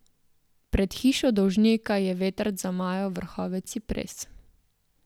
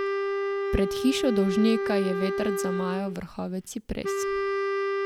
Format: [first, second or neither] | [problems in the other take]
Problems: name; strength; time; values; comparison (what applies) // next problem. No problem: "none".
first | background sound (Wind instrument, woodwind instrument); as loud as the speech